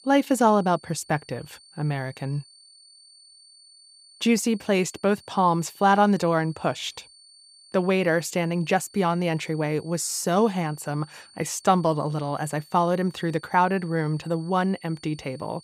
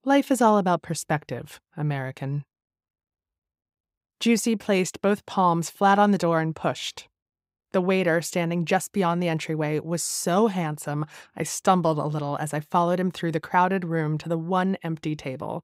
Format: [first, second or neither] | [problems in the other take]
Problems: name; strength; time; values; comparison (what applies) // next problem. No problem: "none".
second | high-pitched whine; faint; throughout; 4.5 kHz, 25 dB below the speech